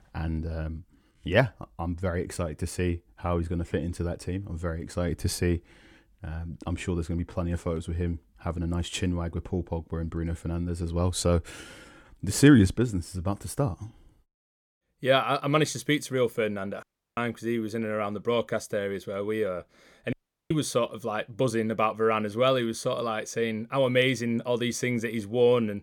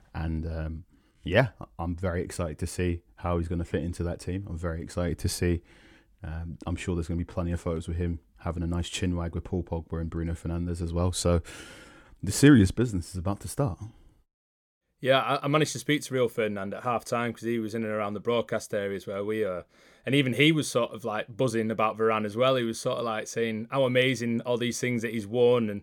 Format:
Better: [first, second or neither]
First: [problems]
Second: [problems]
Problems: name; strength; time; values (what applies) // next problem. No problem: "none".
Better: second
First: audio cutting out; at 17 s and at 20 s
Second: none